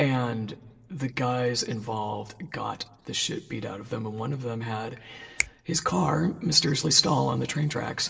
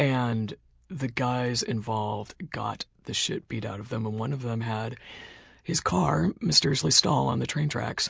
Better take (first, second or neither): second